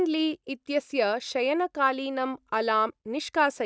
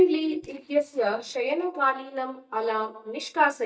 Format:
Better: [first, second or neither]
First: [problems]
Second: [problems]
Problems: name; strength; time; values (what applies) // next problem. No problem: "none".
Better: first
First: none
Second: noise reduction (neural mask model DeepFilterNet 3)